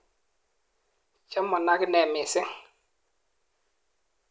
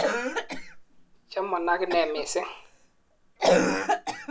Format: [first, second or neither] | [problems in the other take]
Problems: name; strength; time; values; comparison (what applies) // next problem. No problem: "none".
first | background sound (Cough); 3 dB above the speech